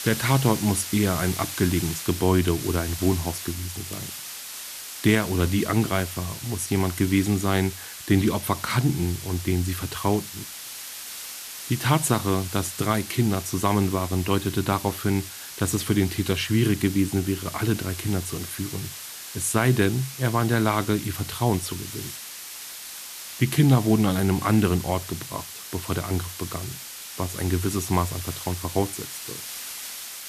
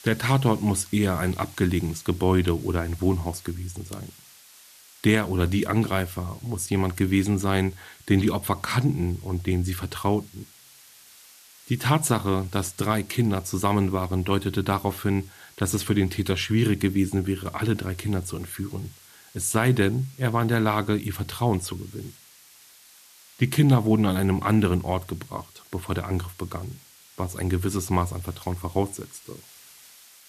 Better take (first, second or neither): second